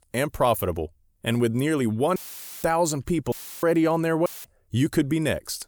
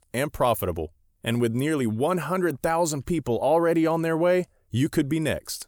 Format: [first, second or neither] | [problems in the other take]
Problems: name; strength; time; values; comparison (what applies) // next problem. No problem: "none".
second | audio cutting out; filled with static; at 2 s, at 3.5 s and at 4.5 s